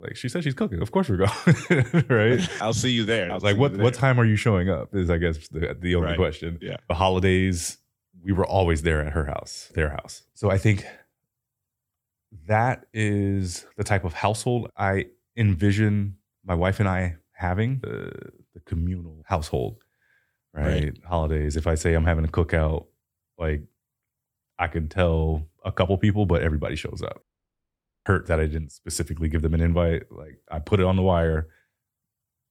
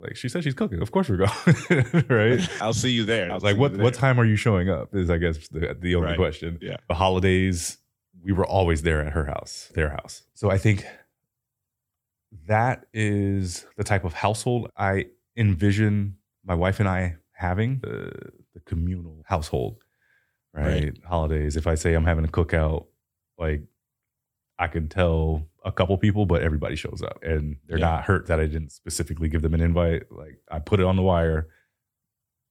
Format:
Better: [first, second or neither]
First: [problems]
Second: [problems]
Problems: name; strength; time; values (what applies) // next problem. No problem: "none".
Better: second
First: audio cutting out; at 27 s for 1 s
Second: none